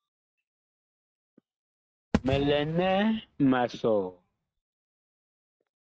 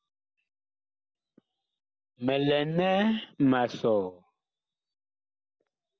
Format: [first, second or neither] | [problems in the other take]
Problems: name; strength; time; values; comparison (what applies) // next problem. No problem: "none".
second | noise reduction (neural mask model RNNoise)